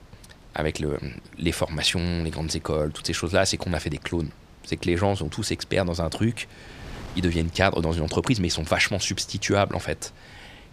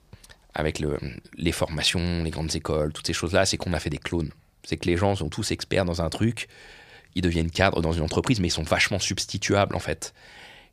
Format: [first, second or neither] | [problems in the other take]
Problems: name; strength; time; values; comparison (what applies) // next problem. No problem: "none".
second | wind noise on the microphone; occasional gusts; 25 dB below the speech